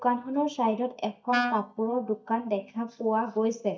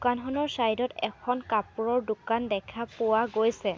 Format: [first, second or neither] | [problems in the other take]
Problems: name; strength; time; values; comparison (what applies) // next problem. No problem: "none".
second | noise reduction (neural mask model DeepFilterNet 3)